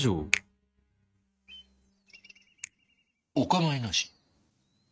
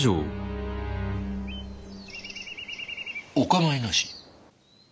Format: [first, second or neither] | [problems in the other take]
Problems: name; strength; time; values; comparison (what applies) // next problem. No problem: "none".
second | noise reduction (neural mask model RNNoise)